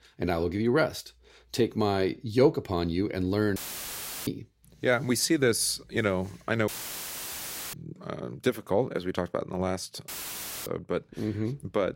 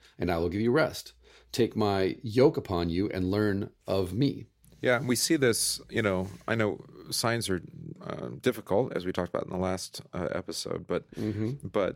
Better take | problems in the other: second | audio cutting out; filled with static; at 3.5 s for 0.5 s, at 6.5 s for 1 s and at 10 s for 0.5 s

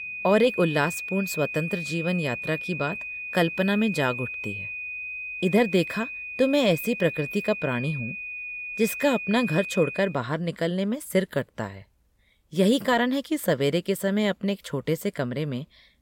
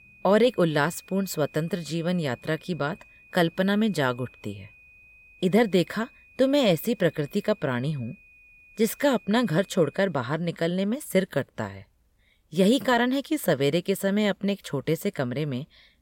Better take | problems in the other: second | high-pitched whine; loud; until 10 s; 2.5 kHz, 7 dB below the speech; faint in the second

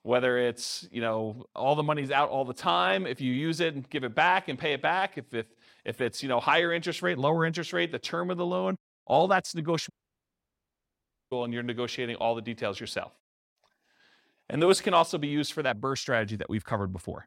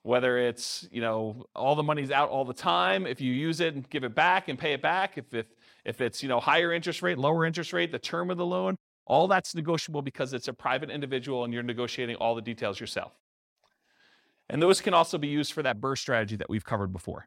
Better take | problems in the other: second | audio cutting out; at 10 s for 1.5 s

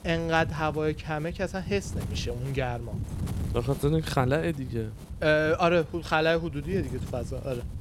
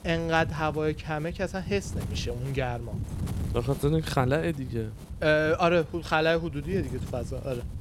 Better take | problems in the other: neither | wind noise on the microphone; occasional gusts; 20 dB below the speech; the same in both

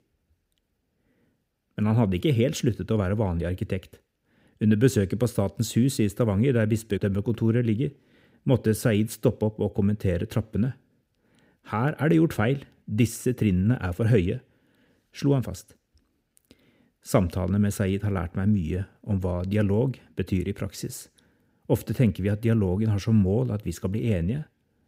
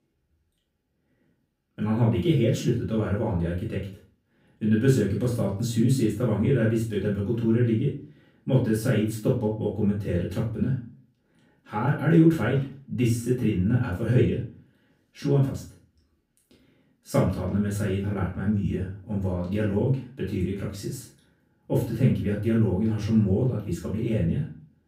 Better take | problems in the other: first | off-mic speech; far // room echo; slight; dies away in 0.3 s

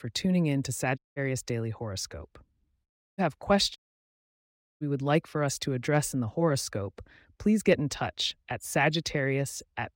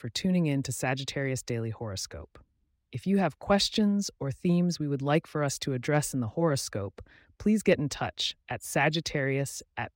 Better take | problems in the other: second | audio cutting out; at 1 s, at 3 s and at 4 s for 1 s

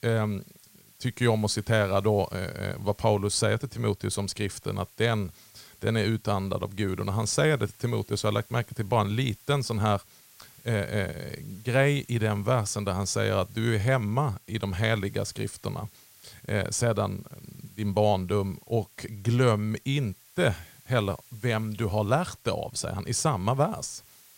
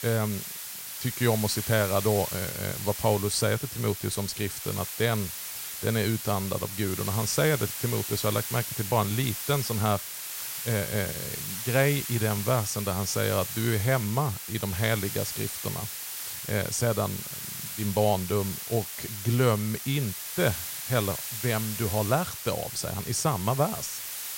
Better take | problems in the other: first | hiss; loud; throughout; 5 dB below the speech; faint in the first

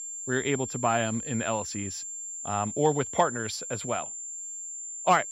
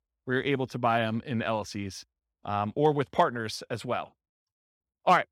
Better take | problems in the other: second | high-pitched whine; loud; throughout; 7.5 kHz, 6 dB below the speech

